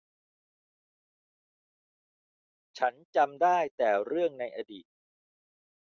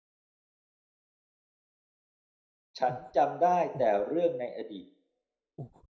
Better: first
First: none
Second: background sound (Breathing); 12 dB below the speech // room echo; dies away in 0.5 s

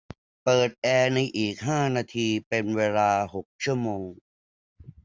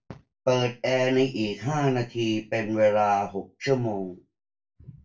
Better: first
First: none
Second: room echo; dies away in 0.2 s

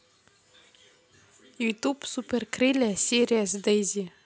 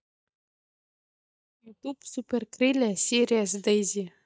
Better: first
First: none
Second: noise reduction (neural mask model DeepFilterNet 3)

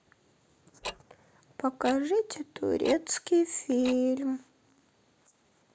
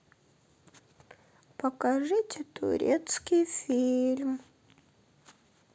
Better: second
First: noise reduction (neural mask model Resemble Enhance denoiser)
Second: none

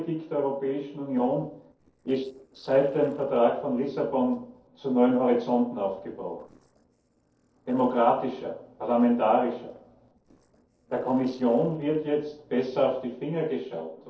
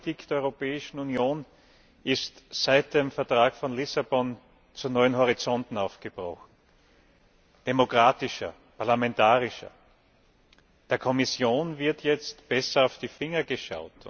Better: second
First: noise reduction (neural separator model SepFormer DNS4)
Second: none

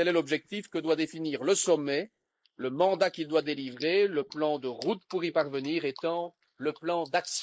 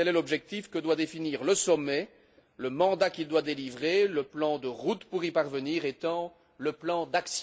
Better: second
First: noise reduction (neural mask model Resemble Enhance denoiser)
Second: none

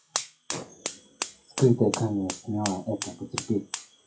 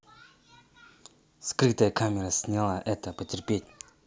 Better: second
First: noise reduction (classical method WPE with log-MMSE)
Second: none

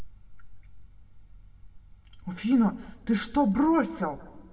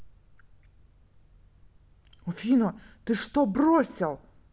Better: second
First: room echo; dies away in 1.7 s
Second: none

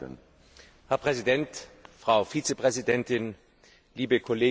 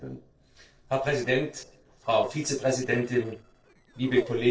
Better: first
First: none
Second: noise reduction (neural separator model SepFormer DNS4)

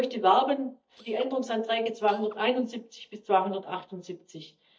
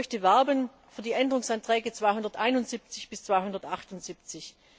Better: second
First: noise reduction (neural mask model DeepFilterNet 3)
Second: none

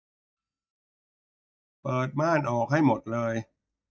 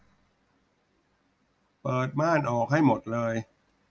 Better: second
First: noise reduction (neural mask model DeepFilterNet 3)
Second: none

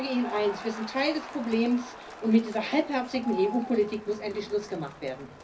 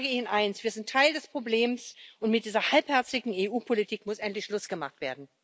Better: second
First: background sound (Crowd); 13 dB below the speech // room echo; dies away in 0.4 s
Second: none

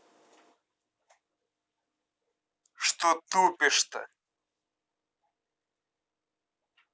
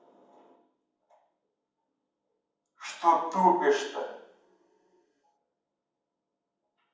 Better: first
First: none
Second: room echo; dies away in 1.2 s

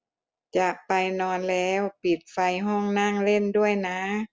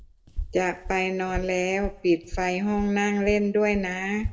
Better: first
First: none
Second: background sound (Walk, footsteps); 11 dB below the speech // room echo; dies away in 0.7 s

